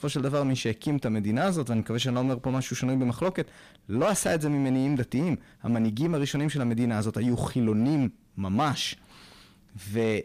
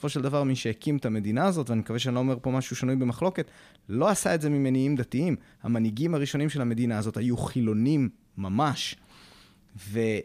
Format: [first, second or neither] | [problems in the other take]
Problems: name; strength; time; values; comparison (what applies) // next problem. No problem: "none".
second | distortion; slight; 9% of the sound clipped